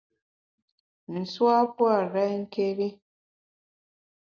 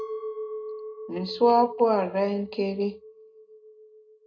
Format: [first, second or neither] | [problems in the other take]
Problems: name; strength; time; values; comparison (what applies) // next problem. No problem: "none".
first | background sound (Chink, clink); 12 dB below the speech // room echo; dies away in 0.2 s